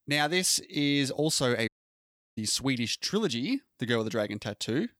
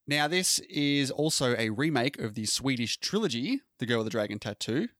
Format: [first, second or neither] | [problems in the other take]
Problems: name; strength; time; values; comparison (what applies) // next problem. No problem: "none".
second | audio cutting out; at 1.5 s for 0.5 s